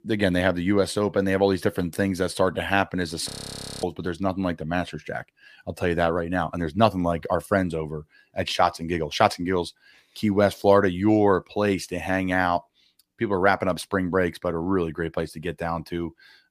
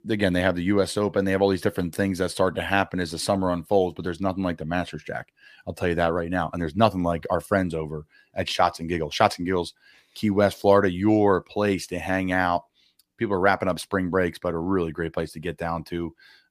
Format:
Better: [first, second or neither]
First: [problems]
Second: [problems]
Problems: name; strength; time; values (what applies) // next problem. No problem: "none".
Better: second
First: audio freezing; at 3.5 s for 0.5 s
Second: none